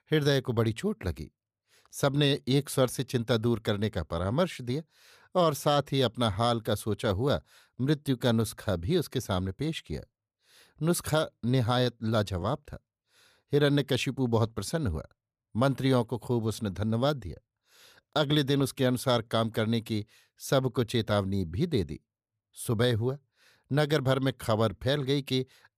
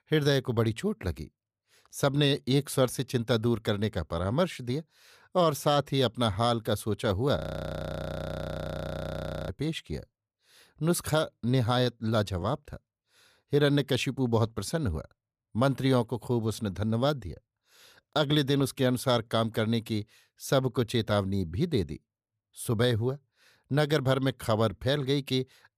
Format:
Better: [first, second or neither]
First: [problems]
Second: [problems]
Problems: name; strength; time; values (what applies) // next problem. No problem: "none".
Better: first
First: none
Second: audio freezing; at 7.5 s for 2 s